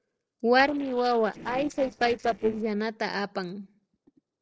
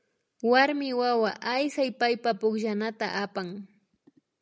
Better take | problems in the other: second | noise reduction (neural separator model SepFormer DNS4)

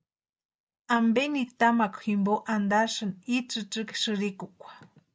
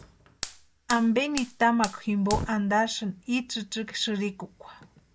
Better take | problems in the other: first | background sound (Fire); 13 dB below the speech

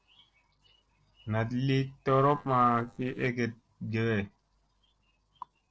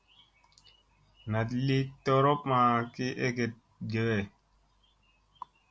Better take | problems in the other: second | noise reduction (neural separator model SepFormer DNS4)

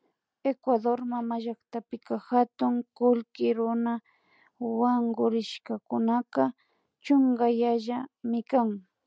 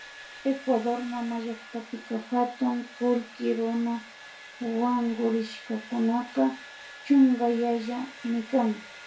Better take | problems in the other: first | background sound (Domestic sounds, home sounds); 18 dB below the speech // room echo; dies away in 0.3 s

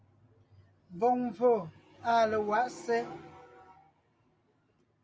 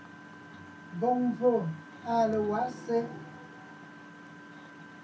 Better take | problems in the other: first | background sound (Engine); 16 dB below the speech // room echo; dies away in 0.3 s

